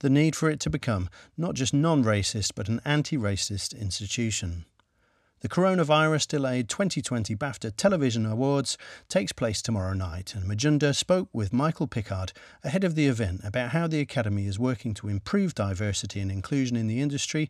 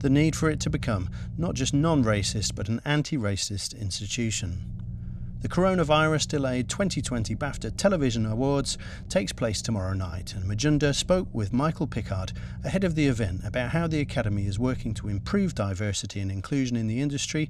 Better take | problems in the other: first | low rumble; faint; throughout; 20 dB below the speech

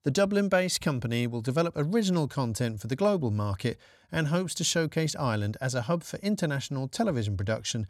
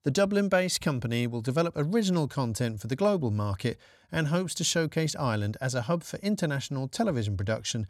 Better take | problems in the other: neither | none

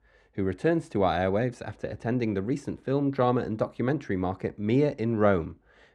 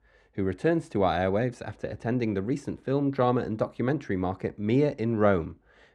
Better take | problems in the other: neither | muffled; slightly; fading above 3 kHz; the same in both

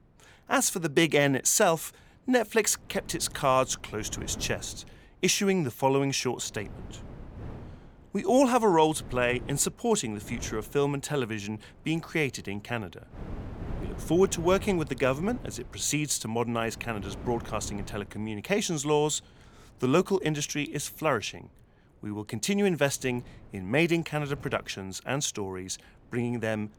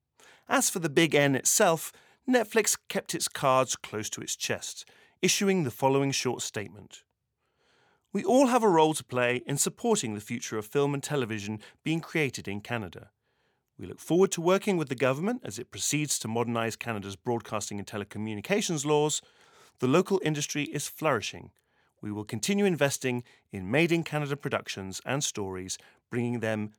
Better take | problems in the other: second | wind noise on the microphone; occasional gusts; 20 dB below the speech

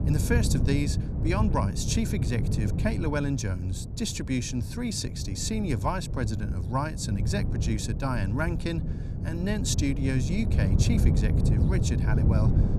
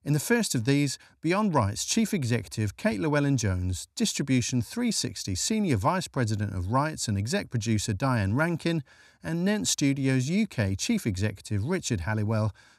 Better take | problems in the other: second | wind noise on the microphone; heavy; 7 dB below the speech

